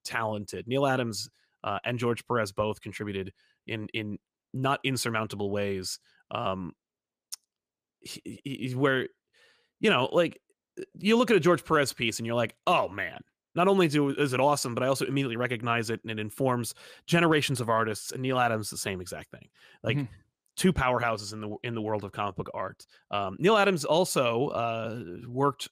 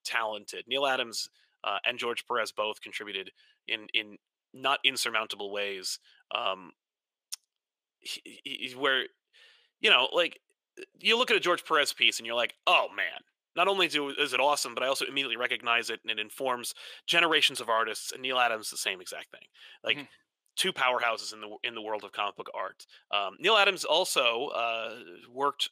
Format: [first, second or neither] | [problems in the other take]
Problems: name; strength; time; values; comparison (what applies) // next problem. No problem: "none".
first | thin; somewhat; fading below 500 Hz